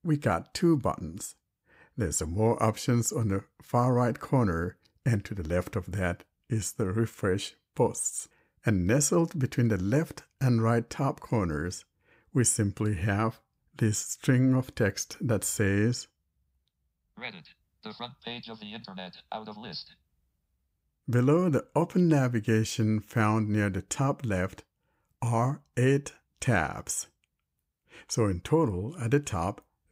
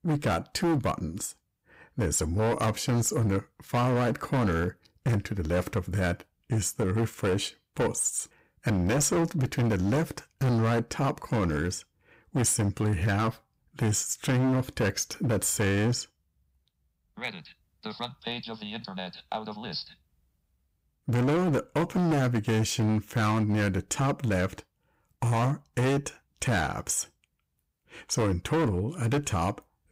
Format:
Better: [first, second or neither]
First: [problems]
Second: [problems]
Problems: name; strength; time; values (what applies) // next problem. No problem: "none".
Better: first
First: none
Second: distortion; heavy; 14% of the sound clipped